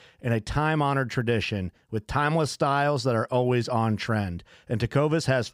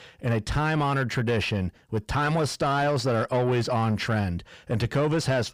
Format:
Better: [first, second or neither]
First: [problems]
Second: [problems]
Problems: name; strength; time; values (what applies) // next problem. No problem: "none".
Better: first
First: none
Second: distortion; slight; 10 dB below the speech